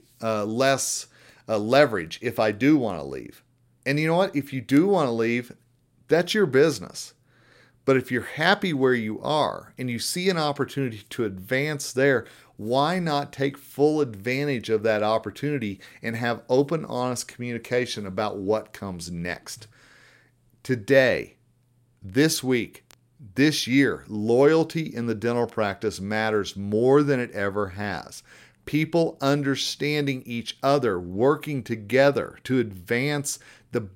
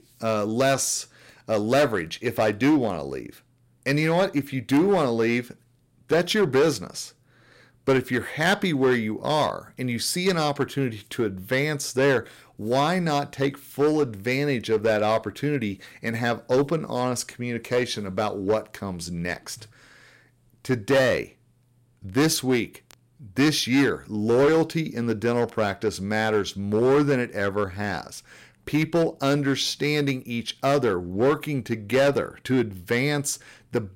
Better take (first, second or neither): first